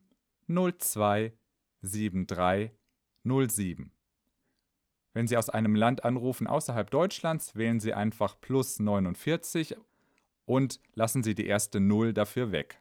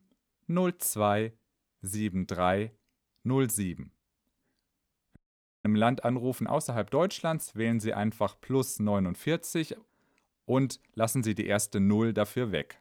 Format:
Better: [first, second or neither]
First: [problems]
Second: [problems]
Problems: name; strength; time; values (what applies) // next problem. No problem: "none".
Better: first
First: none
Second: audio cutting out; at 5 s